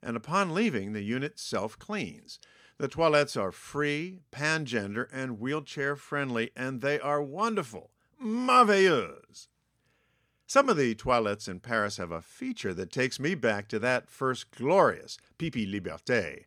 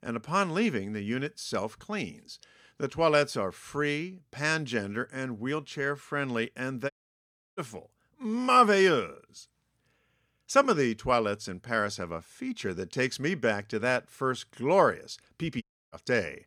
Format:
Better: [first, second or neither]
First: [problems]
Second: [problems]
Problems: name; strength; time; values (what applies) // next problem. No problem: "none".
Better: first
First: none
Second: audio cutting out; at 7 s for 0.5 s and at 16 s